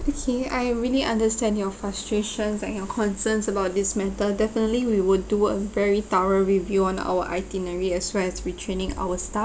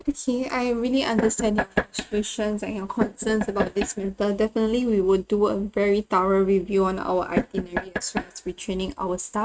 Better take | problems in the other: first | noise reduction (neural mask model RNNoise)

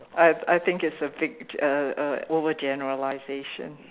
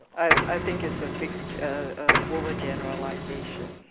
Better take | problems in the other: first | background sound (Printer); 4 dB above the speech

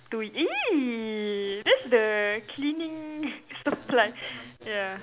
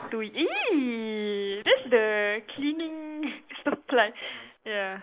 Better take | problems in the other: first | noise reduction (neural mask model Resemble Enhance denoiser)

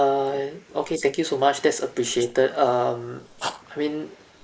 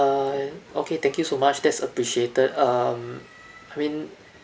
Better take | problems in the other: second | noise reduction (neural mask model Resemble Enhance denoiser)

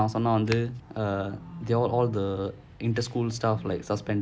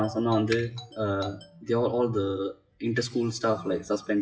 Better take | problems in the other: first | noise reduction (classical method WPE with log-MMSE)

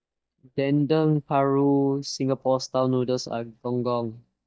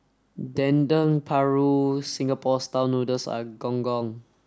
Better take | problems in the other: second | noise reduction (neural mask model DeepFilterNet 3)

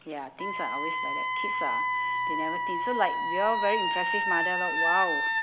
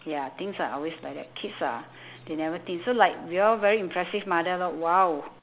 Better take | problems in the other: second | background sound (Wind instrument, woodwind instrument); 4 dB above the speech

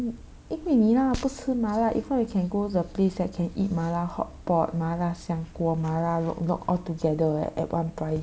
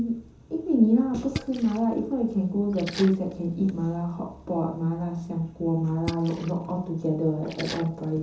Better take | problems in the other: first | background sound (Splash, splatter); 16 dB below the speech // room echo; dies away in 0.6 s

